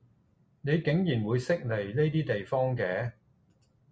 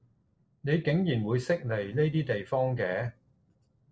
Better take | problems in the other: first | noise reduction (neural separator model SepFormer DNS4)

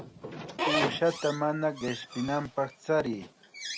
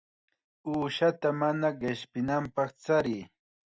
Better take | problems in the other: second | background sound (Squeak / Slam); 5 dB below the speech

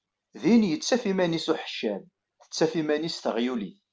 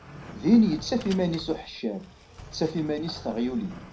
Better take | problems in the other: first | background sound (Sliding door); 17 dB below the speech // room echo; dies away in 0.4 s

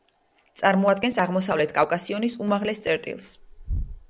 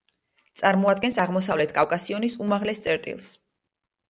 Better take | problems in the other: second | background sound (Toilet flush); 13 dB below the speech

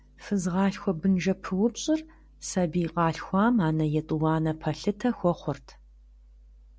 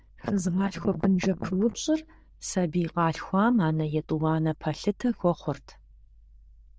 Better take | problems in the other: first | noise reduction (neural diffusion model UNIVERSE++)

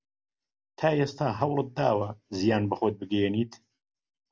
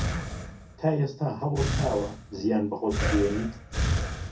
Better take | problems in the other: first | background sound (Breathing); 2 dB below the speech // room echo; dies away in 0.3 s

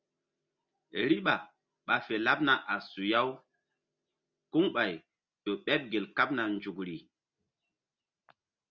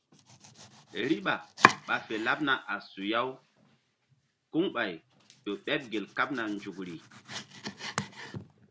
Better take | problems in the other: first | background sound (Domestic sounds, home sounds); 2 dB below the speech

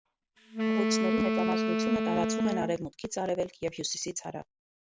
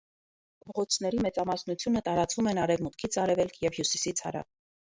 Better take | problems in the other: second | background sound (Wind instrument, woodwind instrument); 4 dB above the speech

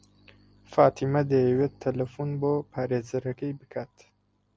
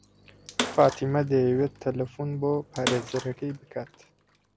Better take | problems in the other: first | background sound (Bathtub (filling or washing) / Water / Splash, splatter); 10 dB below the speech

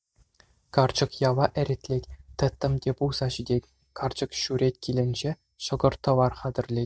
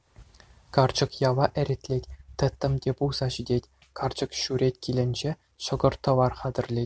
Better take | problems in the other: second | noise reduction (neural mask model DeepFilterNet 3)

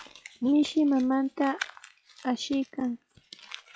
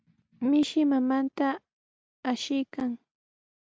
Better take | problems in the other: second | noise reduction (classical method log-MMSE)

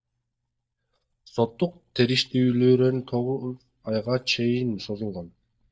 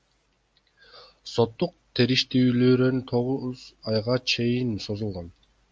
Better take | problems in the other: second | noise reduction (neural mask model DeepFilterNet 3)

